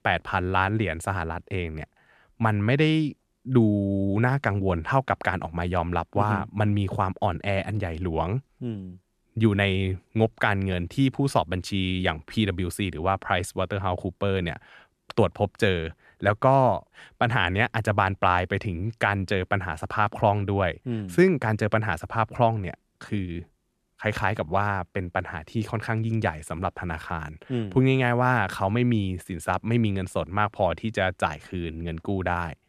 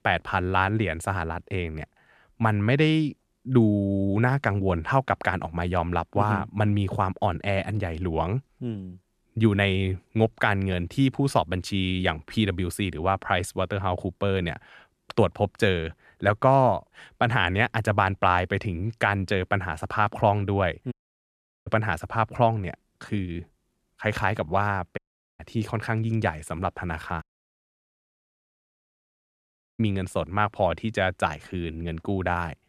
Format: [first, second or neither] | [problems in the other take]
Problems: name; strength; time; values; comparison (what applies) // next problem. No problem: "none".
first | audio cutting out; at 21 s for 0.5 s, at 25 s and at 27 s for 2.5 s